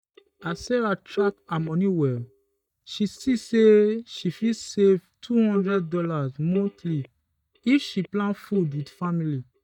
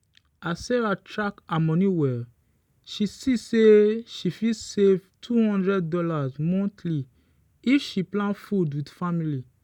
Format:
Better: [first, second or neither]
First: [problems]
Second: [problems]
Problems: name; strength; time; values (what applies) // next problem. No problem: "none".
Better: second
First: noise reduction (neural mask model DeepFilterNet 3)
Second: none